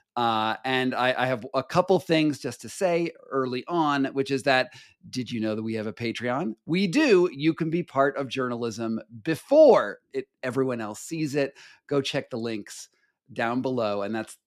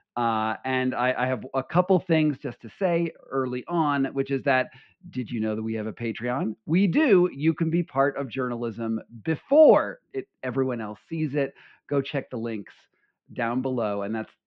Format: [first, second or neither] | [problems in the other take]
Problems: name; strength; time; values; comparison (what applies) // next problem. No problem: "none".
first | muffled; very; fading above 3 kHz